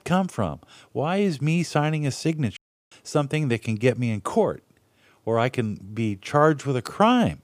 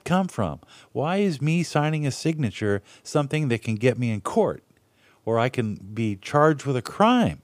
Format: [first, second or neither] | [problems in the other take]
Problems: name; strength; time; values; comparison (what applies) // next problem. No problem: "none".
second | audio cutting out; at 2.5 s